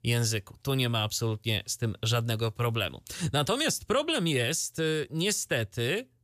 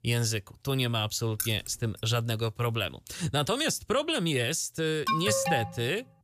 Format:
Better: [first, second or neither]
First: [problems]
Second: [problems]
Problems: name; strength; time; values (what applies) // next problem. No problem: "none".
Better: first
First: none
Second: jangling keys; noticeable; at 1.5 s; peak 5 dB below the speech // alarm; loud; at 5 s; peak level with the speech